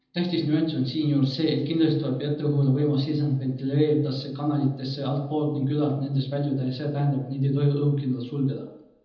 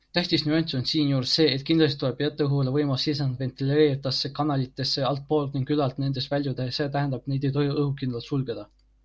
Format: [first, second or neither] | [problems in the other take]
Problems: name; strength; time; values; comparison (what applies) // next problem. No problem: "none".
second | room echo; dies away in 0.8 s